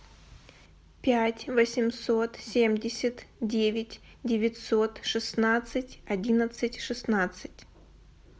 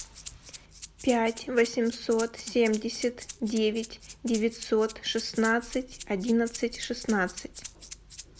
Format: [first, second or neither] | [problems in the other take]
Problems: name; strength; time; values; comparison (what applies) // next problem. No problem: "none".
first | background sound (Rattle (instrument)); 16 dB below the speech